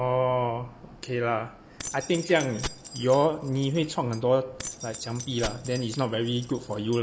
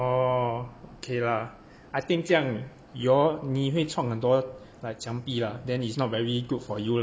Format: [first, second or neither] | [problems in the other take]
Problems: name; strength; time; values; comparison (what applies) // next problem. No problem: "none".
second | background sound (Keys jangling); 13 dB below the speech